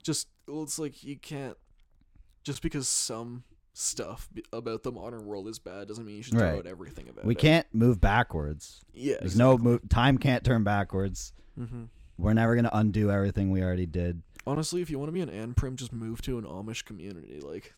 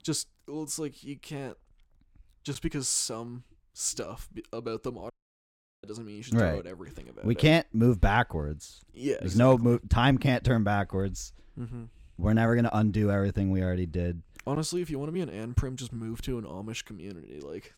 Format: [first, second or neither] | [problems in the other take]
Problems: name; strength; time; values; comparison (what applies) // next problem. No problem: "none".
first | audio cutting out; at 5 s for 0.5 s